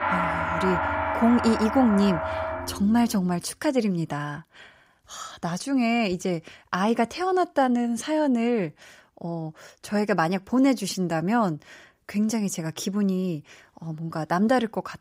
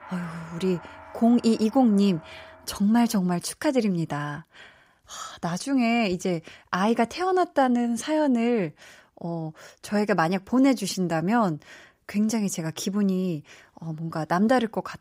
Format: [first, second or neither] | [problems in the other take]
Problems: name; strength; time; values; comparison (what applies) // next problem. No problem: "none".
second | background music; loud; until 3 s; 3 dB below the speech; faint in the second